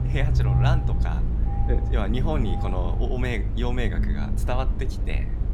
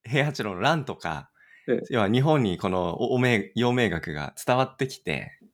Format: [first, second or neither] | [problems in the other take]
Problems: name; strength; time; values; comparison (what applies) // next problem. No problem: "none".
second | low rumble; loud; throughout; 5 dB below the speech